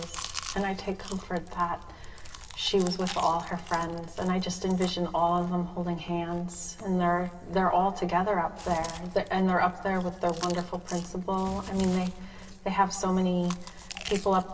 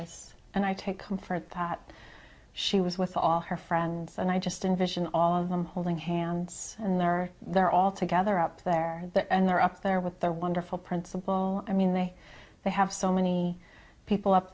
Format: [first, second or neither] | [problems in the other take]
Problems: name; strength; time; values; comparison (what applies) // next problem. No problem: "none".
second | background sound (Chewing, mastication); 14 dB below the speech // room echo; dies away in 2.8 s